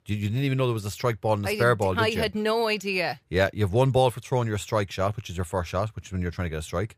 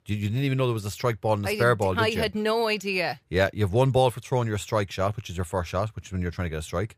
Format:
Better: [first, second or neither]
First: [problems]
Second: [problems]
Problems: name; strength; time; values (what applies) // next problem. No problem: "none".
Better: neither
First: none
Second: none